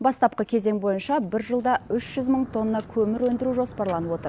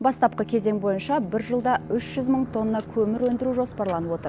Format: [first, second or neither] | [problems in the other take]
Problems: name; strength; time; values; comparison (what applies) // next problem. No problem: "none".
first | background sound (Bowed string instrument); 16 dB below the speech